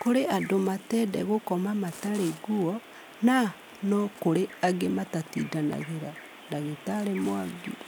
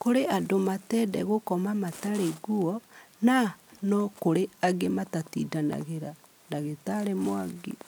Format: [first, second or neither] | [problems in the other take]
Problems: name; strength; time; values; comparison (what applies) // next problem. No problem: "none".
second | background sound (Bird vocalization, bird call, bird song); 19 dB below the speech